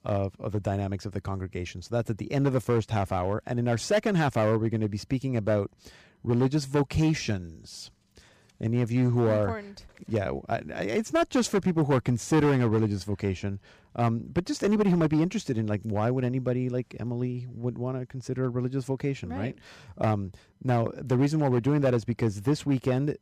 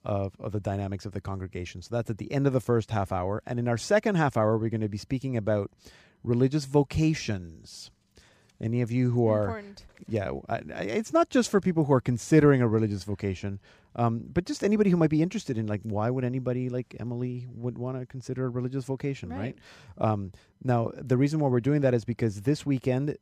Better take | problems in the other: second | distortion; slight; 5% of the sound clipped

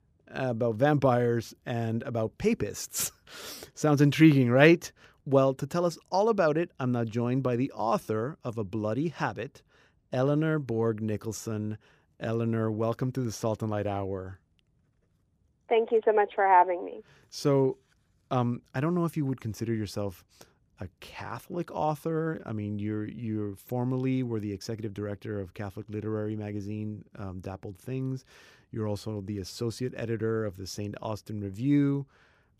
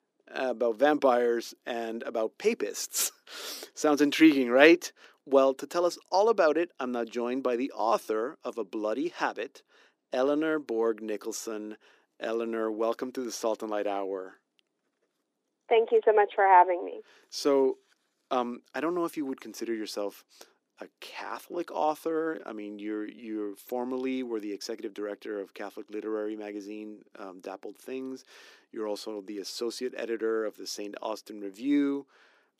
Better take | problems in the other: first | thin; somewhat; fading below 300 Hz

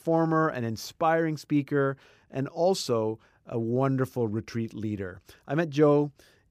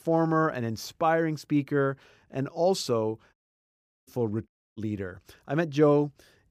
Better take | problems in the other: first | audio cutting out; at 3.5 s for 0.5 s and at 4.5 s

